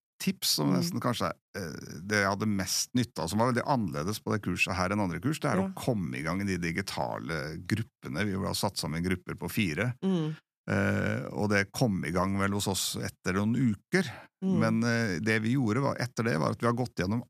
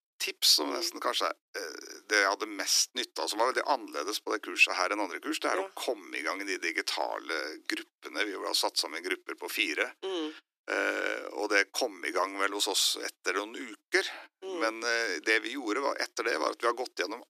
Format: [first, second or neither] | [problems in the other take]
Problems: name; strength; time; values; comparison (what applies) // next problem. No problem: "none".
first | thin; very; fading below 300 Hz